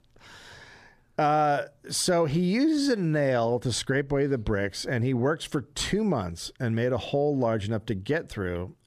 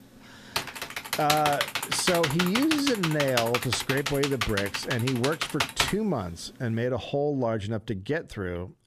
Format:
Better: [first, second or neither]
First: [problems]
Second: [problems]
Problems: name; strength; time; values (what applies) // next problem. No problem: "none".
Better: first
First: none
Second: keyboard typing; loud; from 0.5 to 6 s; peak 2 dB above the speech